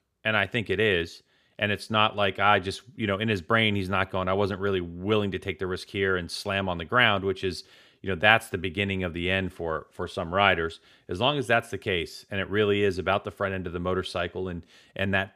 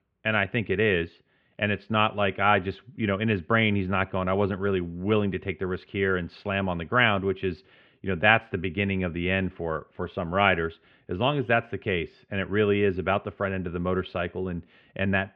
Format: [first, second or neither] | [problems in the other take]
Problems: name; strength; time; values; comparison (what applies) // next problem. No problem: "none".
first | muffled; very; fading above 2.5 kHz